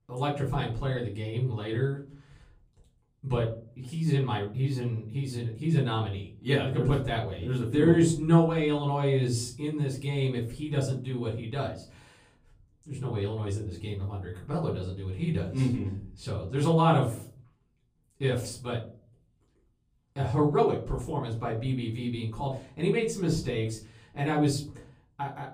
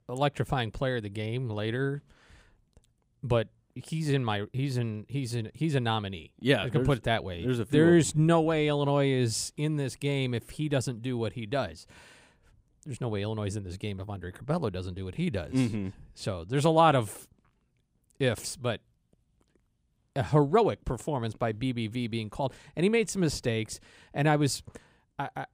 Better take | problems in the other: second | off-mic speech; far // room echo; slight; dies away in 0.4 s

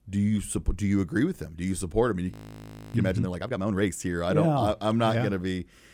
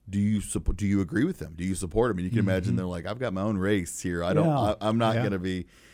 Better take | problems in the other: second | audio freezing; at 2.5 s for 0.5 s

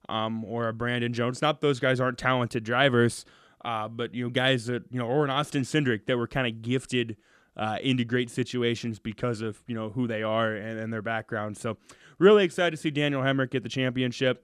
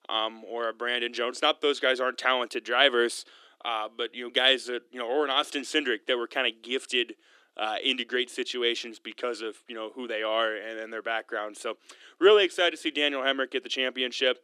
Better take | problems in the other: first | thin; somewhat; fading below 300 Hz

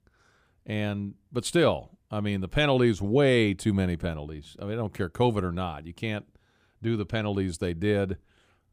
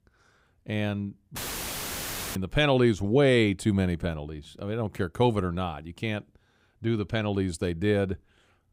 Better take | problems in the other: first | audio cutting out; filled with static; at 1.5 s for 1 s

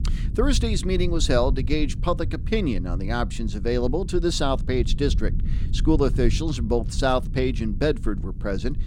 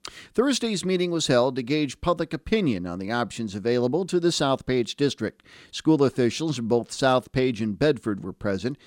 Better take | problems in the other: second | low rumble; noticeable; throughout; 15 dB below the speech

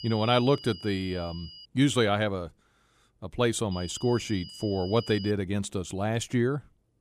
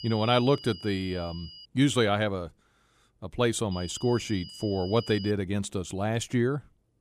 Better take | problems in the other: neither | high-pitched whine; noticeable; until 1.5 s and from 3.5 to 5.5 s; 5 kHz, 15 dB below the speech; the same in both

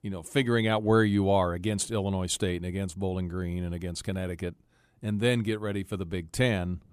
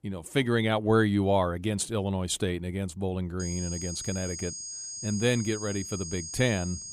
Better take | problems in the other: first | high-pitched whine; loud; from 3.5 s on; 6.5 kHz, 7 dB below the speech

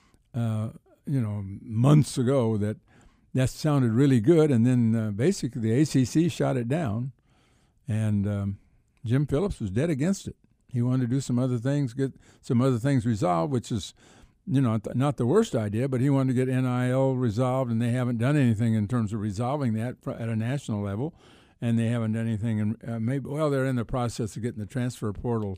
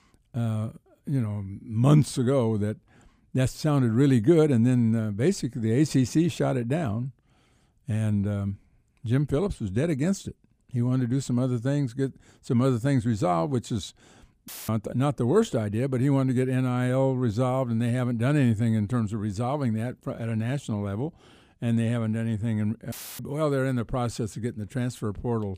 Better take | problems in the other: first | audio cutting out; filled with static; at 14 s and at 23 s

